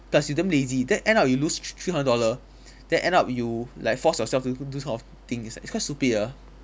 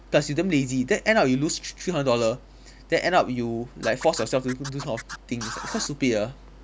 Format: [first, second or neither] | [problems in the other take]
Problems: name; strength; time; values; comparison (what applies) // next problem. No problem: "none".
first | background sound (Scratching (performance technique)); 14 dB below the speech